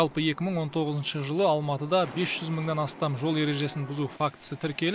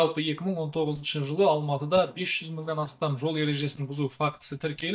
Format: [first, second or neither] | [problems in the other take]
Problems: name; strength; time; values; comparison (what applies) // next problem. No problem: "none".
first | noise reduction (neural mask model DeepFilterNet 3)